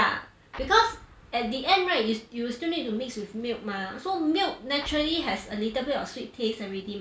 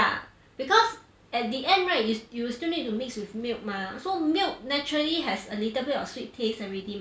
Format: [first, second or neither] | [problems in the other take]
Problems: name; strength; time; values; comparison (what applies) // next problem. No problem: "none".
second | background sound (Explosion); 18 dB below the speech